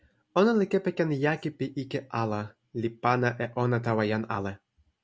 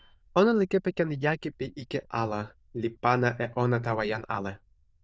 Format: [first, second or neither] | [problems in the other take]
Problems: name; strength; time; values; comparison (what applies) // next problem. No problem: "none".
first | noise reduction (neural diffusion model UNIVERSE++)